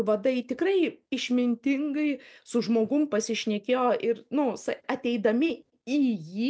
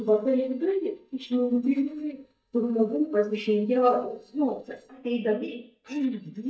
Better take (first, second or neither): first